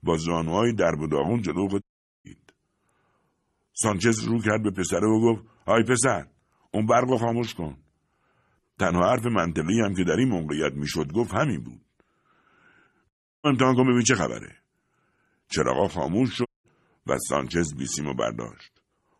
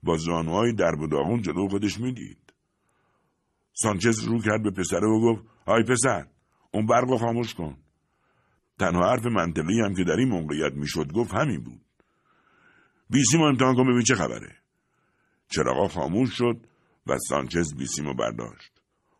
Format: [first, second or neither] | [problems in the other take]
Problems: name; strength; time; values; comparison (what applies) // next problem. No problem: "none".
second | audio cutting out; at 2 s, at 13 s and at 16 s